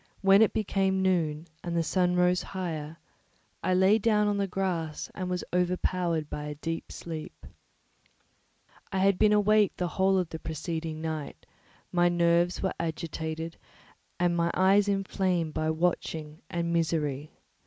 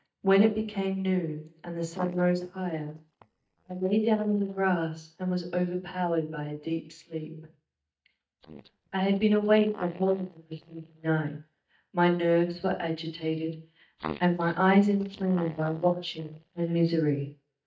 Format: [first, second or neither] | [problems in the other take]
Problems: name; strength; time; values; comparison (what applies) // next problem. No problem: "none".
first | noise reduction (neural mask model DeepFilterNet 3)